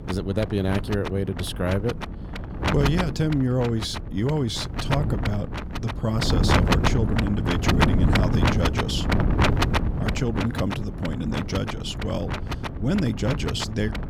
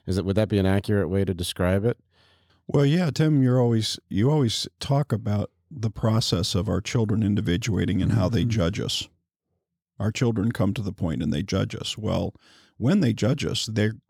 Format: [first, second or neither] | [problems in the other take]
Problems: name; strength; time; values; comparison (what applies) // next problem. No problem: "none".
second | wind noise on the microphone; heavy; 1 dB above the speech